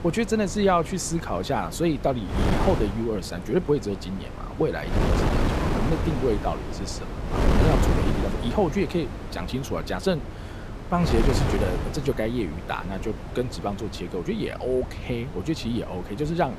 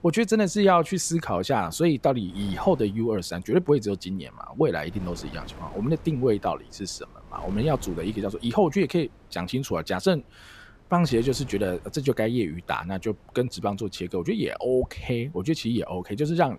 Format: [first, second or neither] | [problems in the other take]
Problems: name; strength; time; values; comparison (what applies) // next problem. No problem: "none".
second | wind noise on the microphone; heavy; 5 dB below the speech; occasional gusts in the second